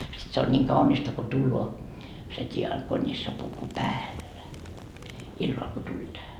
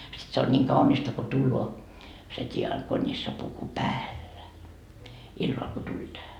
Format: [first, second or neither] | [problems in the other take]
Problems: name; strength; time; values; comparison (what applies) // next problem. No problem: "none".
second | background sound (Boom); 14 dB below the speech